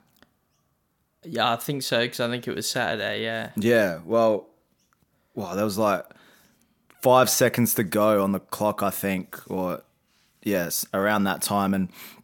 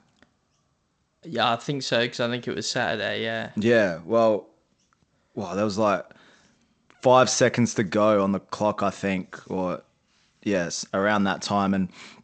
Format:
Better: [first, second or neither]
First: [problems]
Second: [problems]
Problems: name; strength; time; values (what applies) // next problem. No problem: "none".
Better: first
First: none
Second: garbled, watery; slightly; nothing above 7.5 kHz